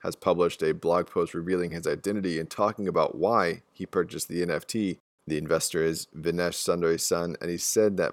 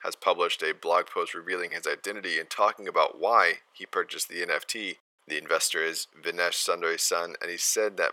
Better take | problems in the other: first | thin; very; fading below 700 Hz

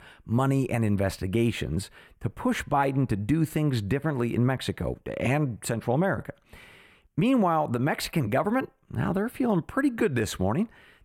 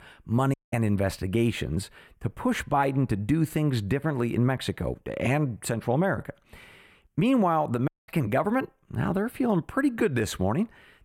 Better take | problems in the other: first | audio cutting out; at 0.5 s and at 8 s

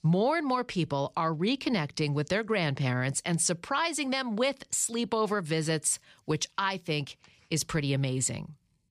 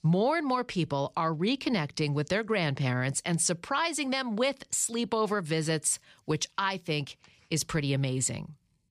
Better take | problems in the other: neither | none

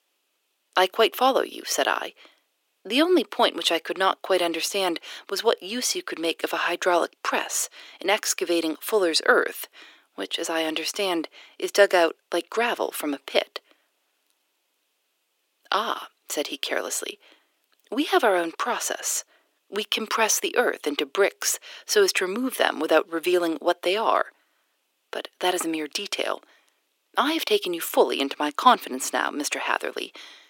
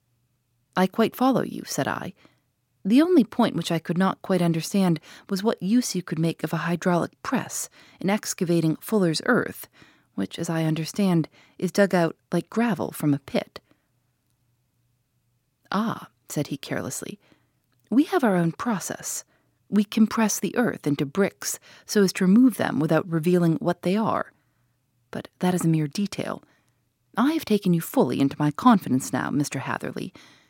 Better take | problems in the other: second | thin; very; fading below 350 Hz

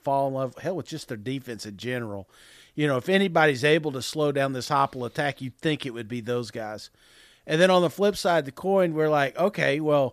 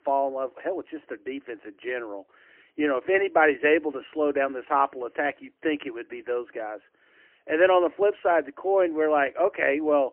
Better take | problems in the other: first | phone-call audio; poor line; nothing above 3 kHz

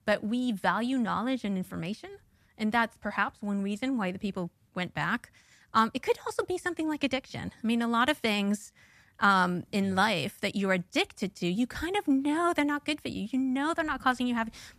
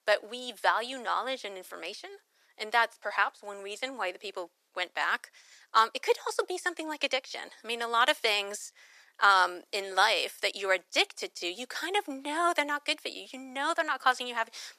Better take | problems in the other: first | thin; very; fading below 400 Hz

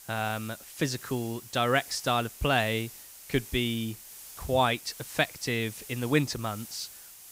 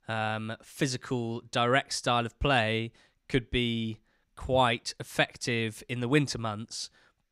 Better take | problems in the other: second | hiss; noticeable; throughout; 15 dB below the speech

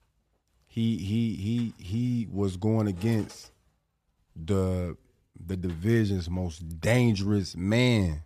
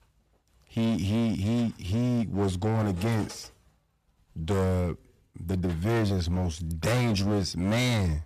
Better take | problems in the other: first | distortion; heavy; 19% of the sound clipped

